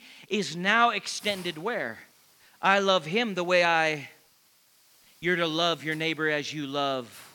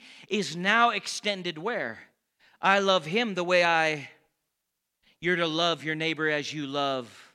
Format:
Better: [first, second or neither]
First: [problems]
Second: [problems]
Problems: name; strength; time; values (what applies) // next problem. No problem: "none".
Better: second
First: hiss; faint; throughout; 30 dB below the speech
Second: none